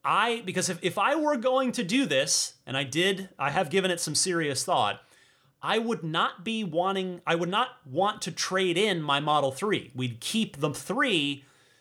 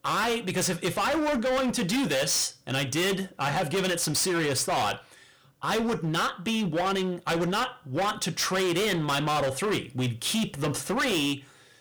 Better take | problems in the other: first | distortion; heavy; 27% of the sound clipped

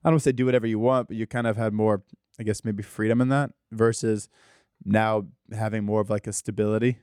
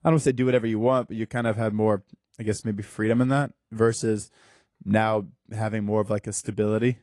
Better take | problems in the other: first | garbled, watery; slightly

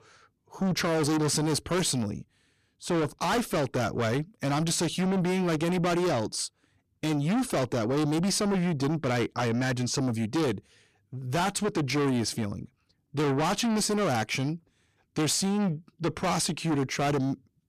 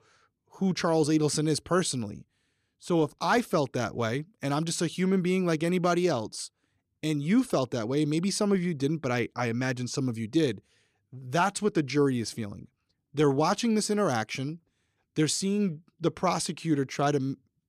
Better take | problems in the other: second | distortion; heavy; 6 dB below the speech

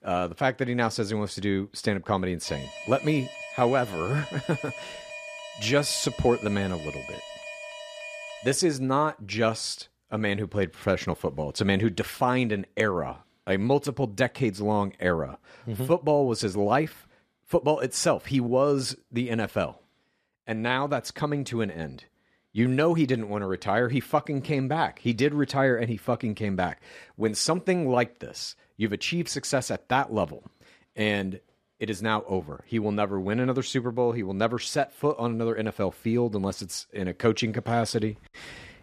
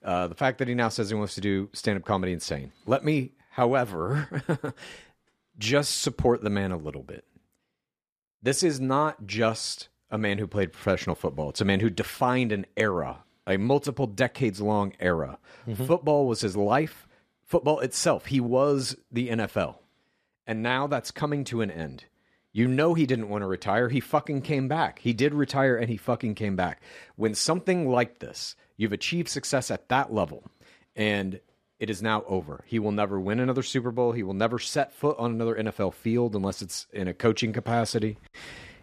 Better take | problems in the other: second | alarm; faint; from 2.5 to 8.5 s; peak 10 dB below the speech

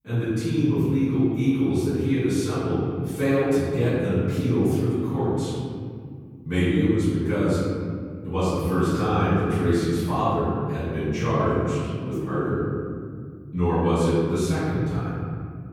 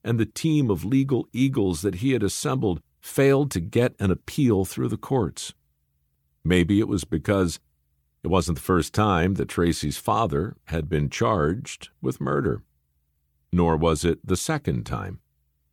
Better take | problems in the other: second | off-mic speech; far // room echo; strong; dies away in 2.4 s

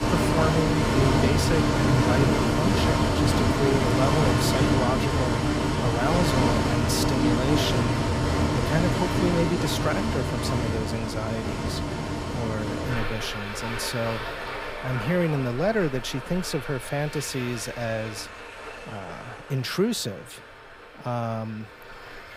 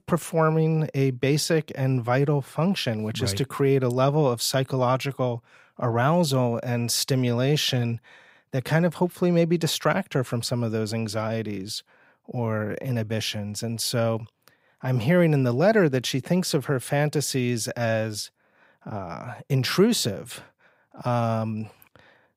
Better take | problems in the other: second | traffic noise; very loud; throughout; 4 dB above the speech

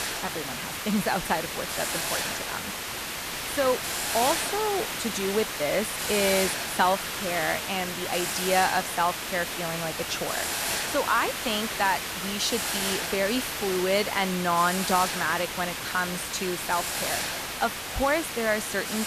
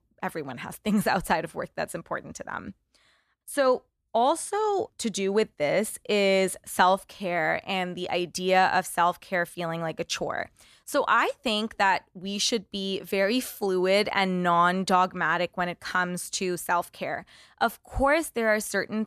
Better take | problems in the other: second | hiss; loud; throughout; 2 dB below the speech

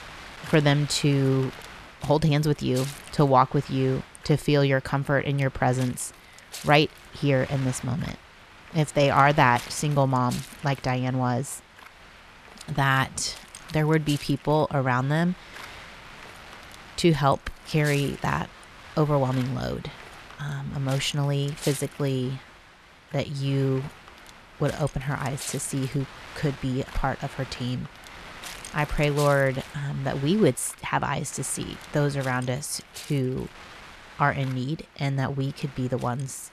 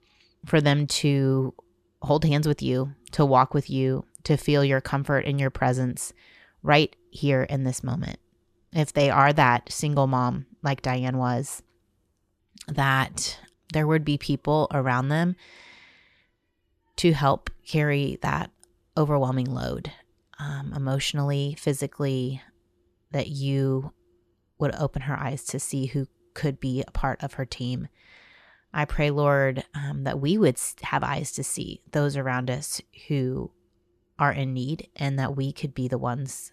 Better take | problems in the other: second | wind noise on the microphone; occasional gusts; 15 dB below the speech

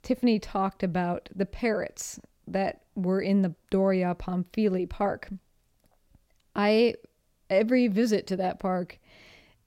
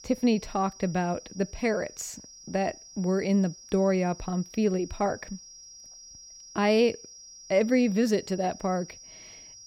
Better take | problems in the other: first | high-pitched whine; noticeable; throughout; 5.5 kHz, 20 dB below the speech

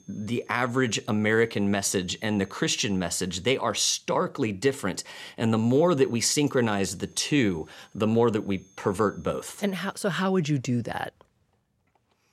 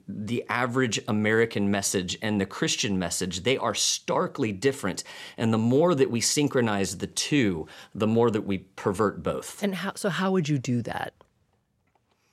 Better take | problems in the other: second | high-pitched whine; faint; until 3.5 s and from 5.5 to 10 s; 6.5 kHz, 35 dB below the speech

